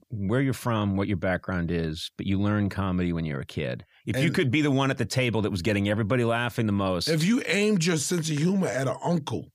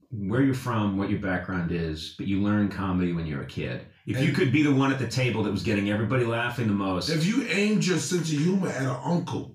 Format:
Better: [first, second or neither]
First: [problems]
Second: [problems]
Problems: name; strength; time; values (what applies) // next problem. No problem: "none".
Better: first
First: none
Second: room echo; slight; dies away in 0.3 s // off-mic speech; far